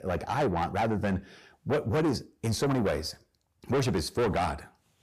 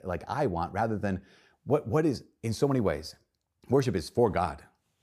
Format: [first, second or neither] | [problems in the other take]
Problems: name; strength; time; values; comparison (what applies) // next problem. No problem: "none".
second | distortion; heavy; 6 dB below the speech